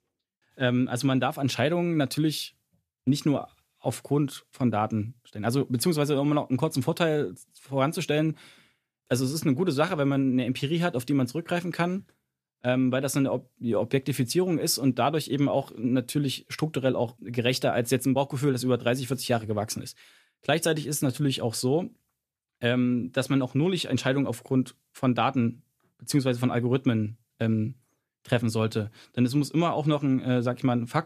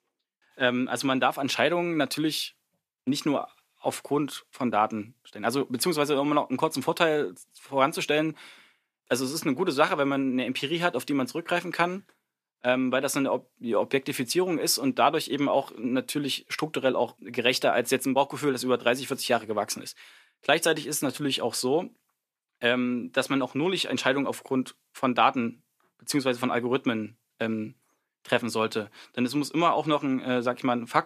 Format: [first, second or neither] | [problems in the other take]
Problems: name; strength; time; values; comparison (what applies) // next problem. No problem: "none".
first | thin; very slightly; fading below 250 Hz